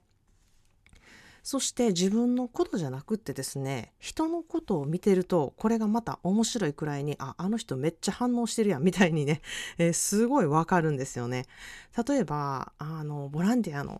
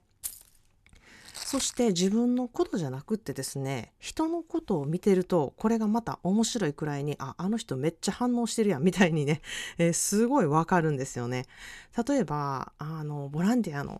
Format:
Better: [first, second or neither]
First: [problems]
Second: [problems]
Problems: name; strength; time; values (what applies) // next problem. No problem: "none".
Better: first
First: none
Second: jangling keys; faint; at the start; peak 10 dB below the speech // footsteps; noticeable; at 1.5 s; peak 9 dB below the speech